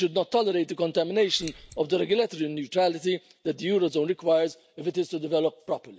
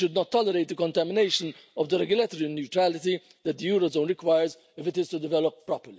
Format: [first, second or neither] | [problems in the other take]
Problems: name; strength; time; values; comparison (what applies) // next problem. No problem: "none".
second | background sound (Scissors); 19 dB below the speech